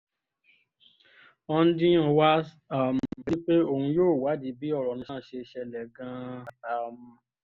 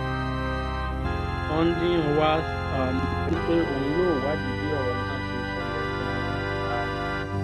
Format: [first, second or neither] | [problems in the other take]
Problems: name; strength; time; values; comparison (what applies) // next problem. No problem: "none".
first | background sound (Organ); 1 dB above the speech